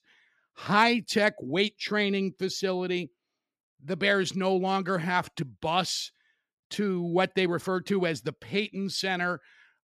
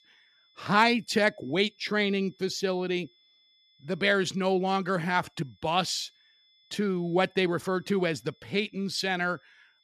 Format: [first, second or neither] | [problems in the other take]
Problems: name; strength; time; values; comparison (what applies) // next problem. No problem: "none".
first | high-pitched whine; faint; throughout; 3.5 kHz, 35 dB below the speech